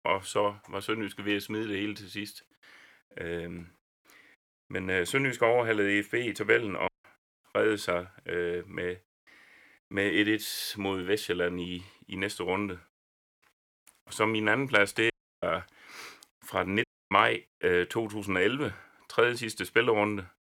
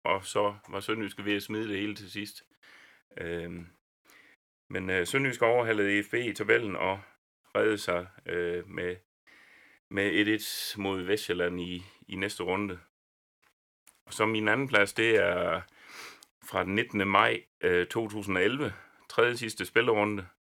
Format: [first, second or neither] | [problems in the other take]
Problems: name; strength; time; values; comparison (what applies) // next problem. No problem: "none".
second | audio cutting out; at 7 s, at 15 s and at 17 s